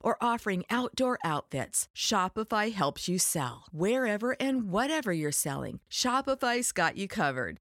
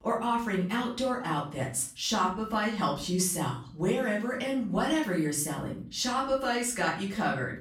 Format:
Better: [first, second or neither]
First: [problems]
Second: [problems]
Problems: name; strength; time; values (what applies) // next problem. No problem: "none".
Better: first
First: none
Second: off-mic speech; far // room echo; slight; dies away in 0.4 s